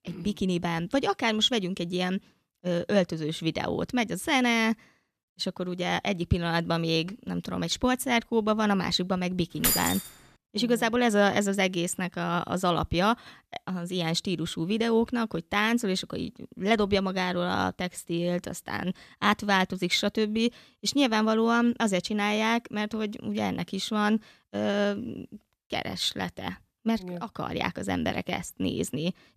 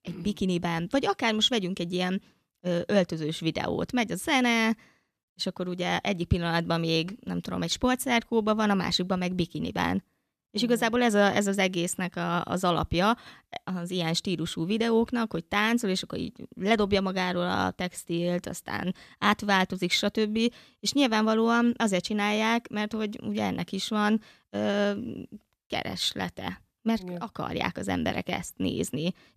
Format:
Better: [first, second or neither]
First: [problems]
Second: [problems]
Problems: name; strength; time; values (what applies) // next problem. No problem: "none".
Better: second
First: jangling keys; loud; at 9.5 s; peak 3 dB above the speech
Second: none